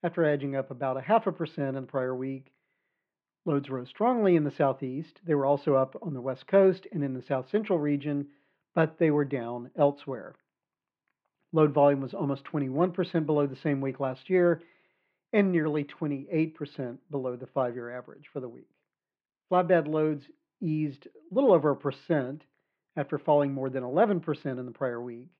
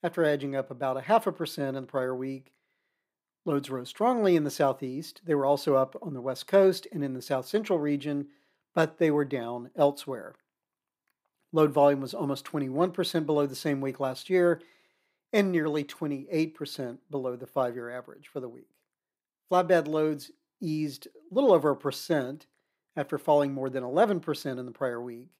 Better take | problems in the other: second | muffled; very; fading above 2.5 kHz

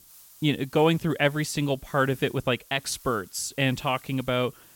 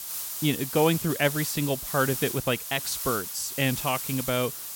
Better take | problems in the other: first | hiss; loud; throughout; 5 dB below the speech; faint in the first

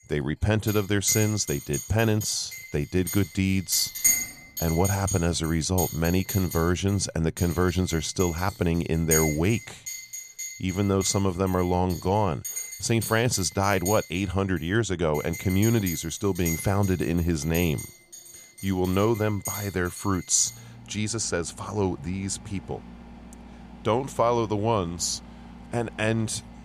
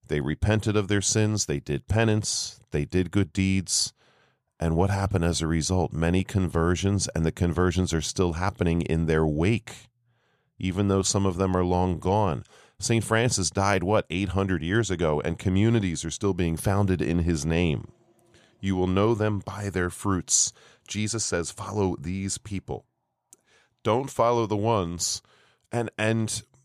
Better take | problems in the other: second | household noises; loud; throughout; 7 dB below the speech

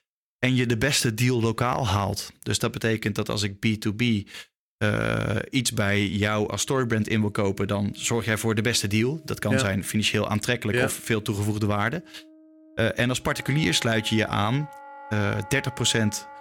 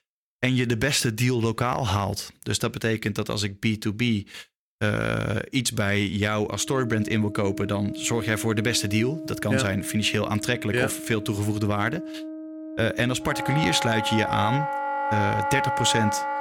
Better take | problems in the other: first | background music; loud; from 6.5 s on; 6 dB below the speech; faint in the first

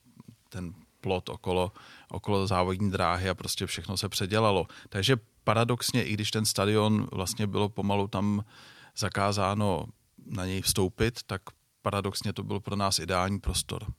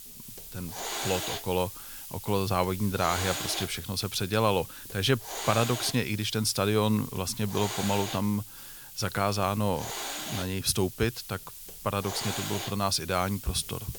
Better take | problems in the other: first | hiss; loud; throughout; 8 dB below the speech

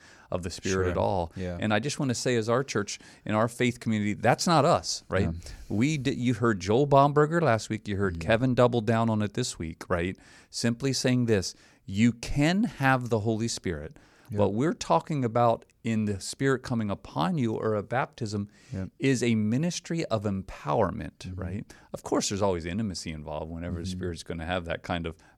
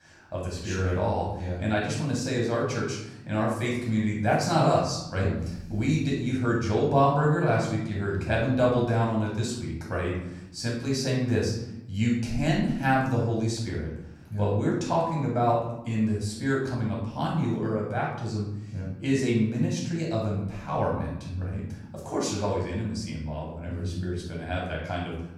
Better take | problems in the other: first | off-mic speech; far // room echo; noticeable; dies away in 0.9 s

